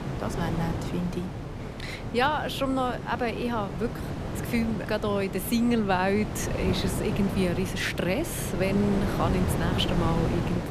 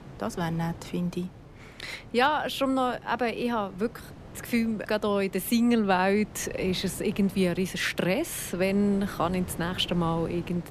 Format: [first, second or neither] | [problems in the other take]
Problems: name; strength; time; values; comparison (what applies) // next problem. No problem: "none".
second | wind noise on the microphone; heavy; 6 dB below the speech; occasional gusts in the second